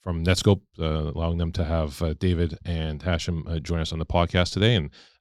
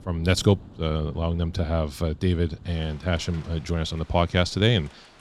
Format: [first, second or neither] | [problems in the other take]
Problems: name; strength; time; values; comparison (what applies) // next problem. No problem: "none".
first | rain or running water; faint; throughout; 25 dB below the speech